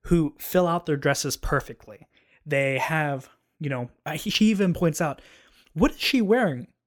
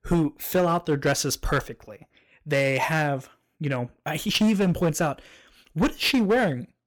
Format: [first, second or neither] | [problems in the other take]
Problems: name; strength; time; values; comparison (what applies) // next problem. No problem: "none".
first | distortion; slight; 6% of the sound clipped